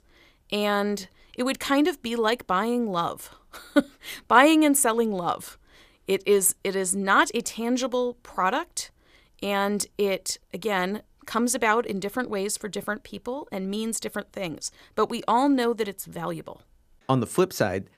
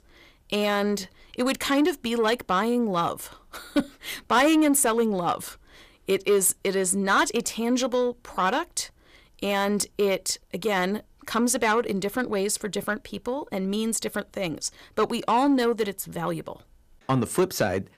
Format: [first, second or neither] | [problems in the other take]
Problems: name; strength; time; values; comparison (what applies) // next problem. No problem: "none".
first | distortion; slight; 10 dB below the speech